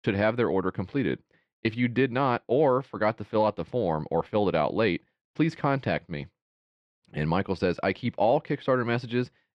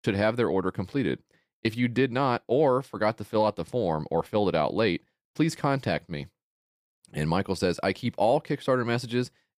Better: second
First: muffled; very slightly; fading above 3 kHz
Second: none

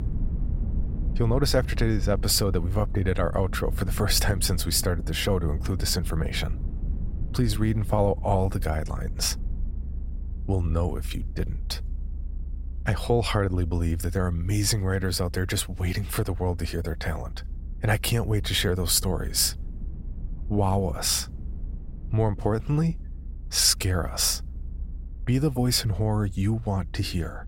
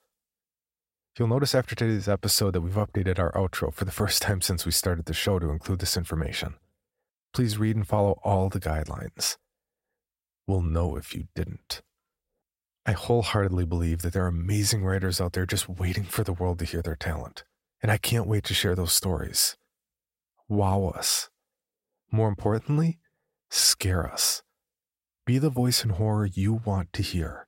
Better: second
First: low rumble; faint; throughout; 20 dB below the speech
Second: none

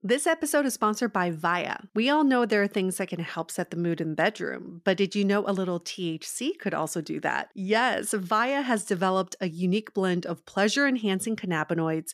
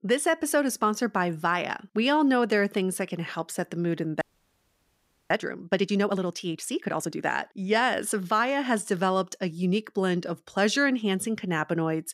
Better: first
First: none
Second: audio freezing; at 4 s for 1 s

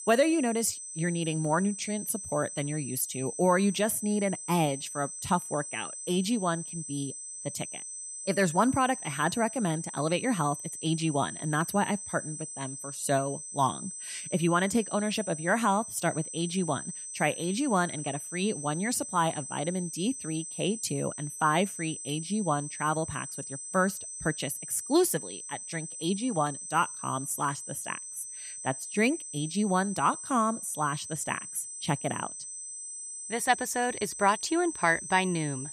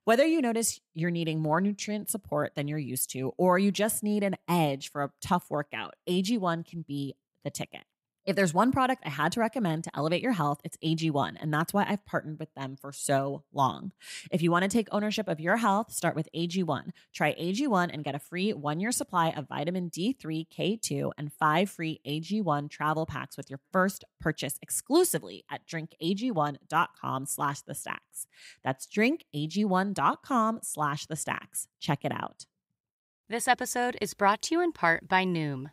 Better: second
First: high-pitched whine; loud; throughout; 8 kHz, 8 dB below the speech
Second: none

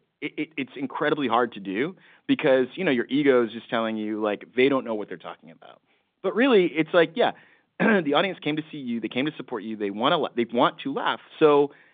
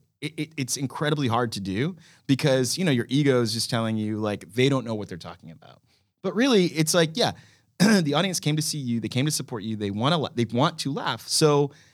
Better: second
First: phone-call audio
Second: none

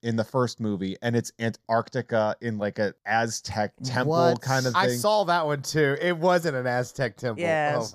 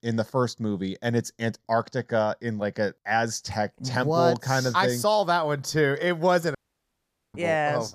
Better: first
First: none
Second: audio cutting out; at 6.5 s for 1 s

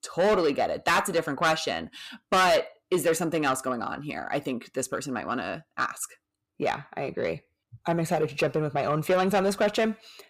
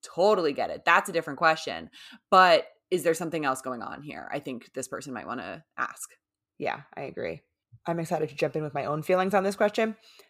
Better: second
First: distortion; heavy; 6 dB below the speech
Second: none

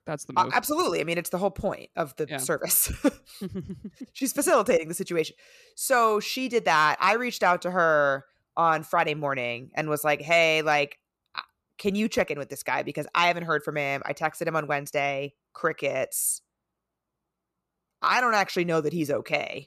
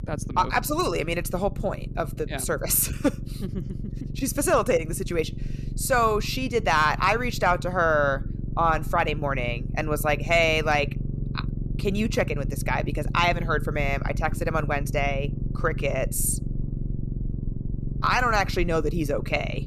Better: first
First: none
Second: low rumble; noticeable; throughout; 20 dB below the speech

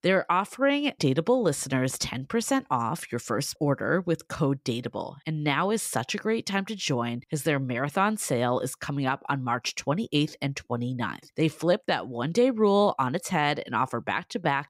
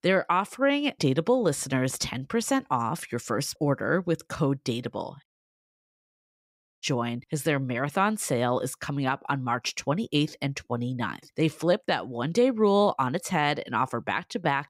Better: first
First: none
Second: audio cutting out; at 5.5 s for 1.5 s

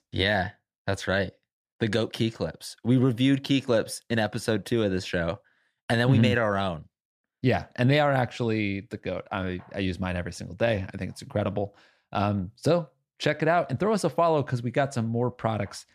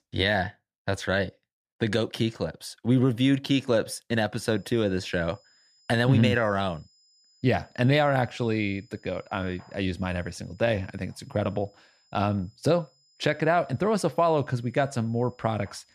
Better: first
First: none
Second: high-pitched whine; faint; from 4.5 s on; 5 kHz, 35 dB below the speech

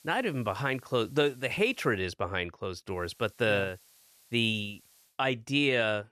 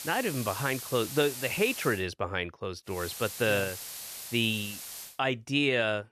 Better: first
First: hiss; faint; until 2 s and from 3 to 5 s; 30 dB below the speech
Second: hiss; loud; until 2 s and from 3 to 5 s; 9 dB below the speech

